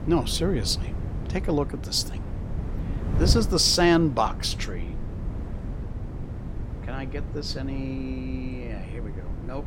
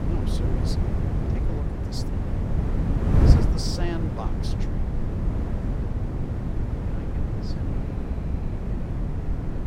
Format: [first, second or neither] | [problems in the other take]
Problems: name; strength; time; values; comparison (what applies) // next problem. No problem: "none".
first | wind noise on the microphone; heavy; 4 dB above the speech; occasional gusts in the first